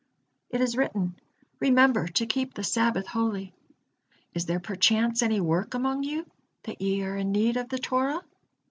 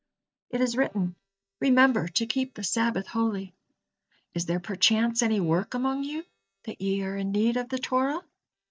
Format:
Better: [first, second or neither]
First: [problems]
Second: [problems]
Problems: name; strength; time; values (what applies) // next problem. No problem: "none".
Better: first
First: none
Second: noise reduction (neural mask model DeepFilterNet 3)